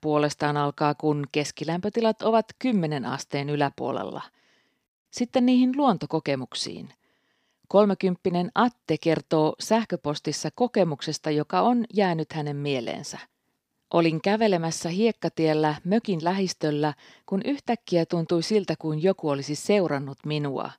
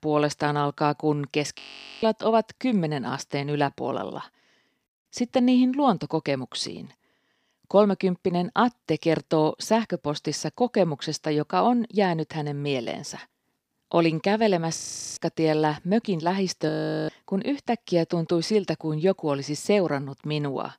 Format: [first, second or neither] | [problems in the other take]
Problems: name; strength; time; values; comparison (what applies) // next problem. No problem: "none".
first | audio freezing; at 1.5 s, at 15 s and at 17 s